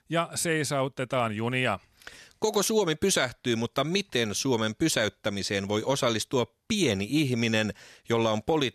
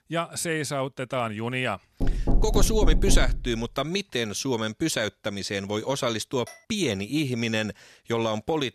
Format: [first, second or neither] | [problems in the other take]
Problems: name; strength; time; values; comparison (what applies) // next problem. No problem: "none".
first | door banging; loud; from 2 to 3.5 s; peak 2 dB above the speech // clattering dishes; faint; at 6.5 s; peak 20 dB below the speech